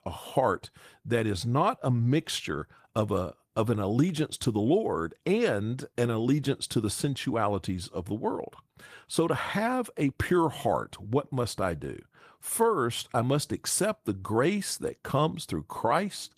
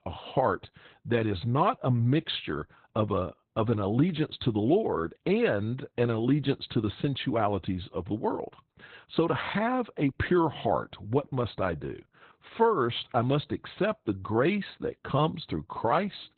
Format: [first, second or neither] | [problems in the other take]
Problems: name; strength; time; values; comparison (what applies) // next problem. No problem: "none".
first | garbled, watery; badly; nothing above 4 kHz; slightly in the first